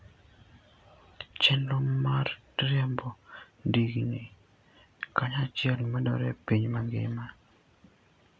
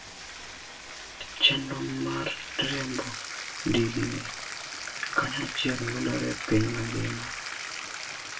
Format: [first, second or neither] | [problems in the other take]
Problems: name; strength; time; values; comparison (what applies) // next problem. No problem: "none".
first | background sound (Bathtub (filling or washing)); 7 dB below the speech // room echo; dies away in 0.2 s